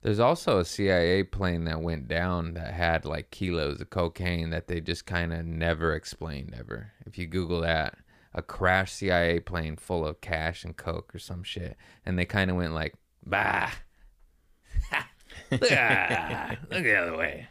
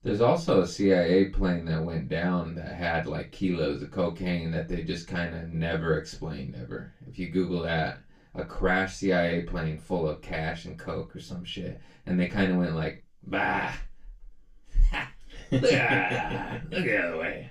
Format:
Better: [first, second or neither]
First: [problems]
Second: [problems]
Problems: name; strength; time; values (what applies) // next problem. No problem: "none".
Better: first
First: none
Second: room echo; very slight; dies away in 0.2 s // off-mic speech; far